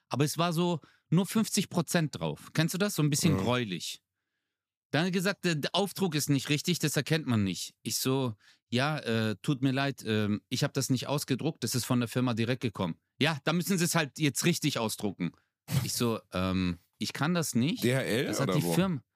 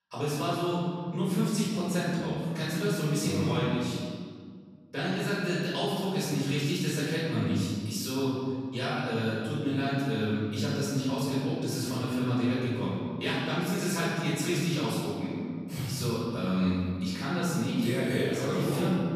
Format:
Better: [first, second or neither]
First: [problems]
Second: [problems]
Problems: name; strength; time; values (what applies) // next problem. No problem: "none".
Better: first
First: none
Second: off-mic speech; far // room echo; strong; dies away in 1.8 s